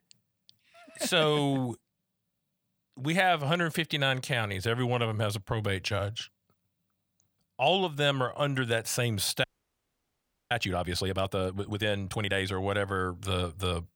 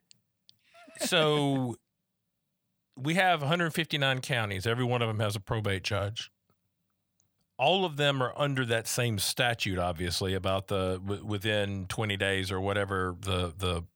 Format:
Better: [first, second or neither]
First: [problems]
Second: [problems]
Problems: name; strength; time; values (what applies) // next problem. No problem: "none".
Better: second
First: audio freezing; at 9.5 s for 1 s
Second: none